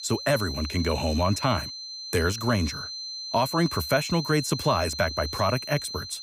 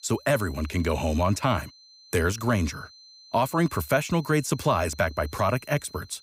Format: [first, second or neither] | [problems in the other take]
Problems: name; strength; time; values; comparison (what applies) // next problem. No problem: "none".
second | high-pitched whine; loud; throughout; 4 kHz, 7 dB below the speech; faint in the second